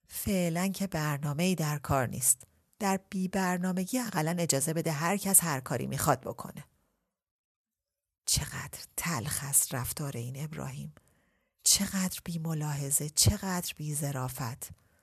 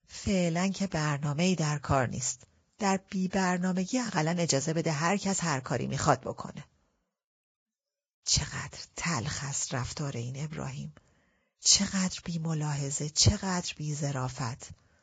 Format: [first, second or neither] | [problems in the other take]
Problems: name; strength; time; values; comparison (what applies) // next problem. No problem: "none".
first | garbled, watery; badly; nothing above 7.5 kHz